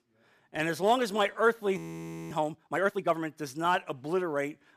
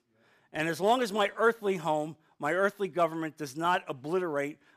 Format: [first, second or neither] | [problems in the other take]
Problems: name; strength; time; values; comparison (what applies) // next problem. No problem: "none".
second | audio freezing; at 2 s for 0.5 s